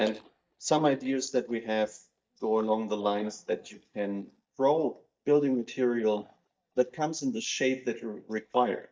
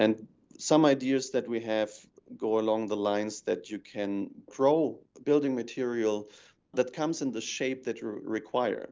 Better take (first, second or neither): second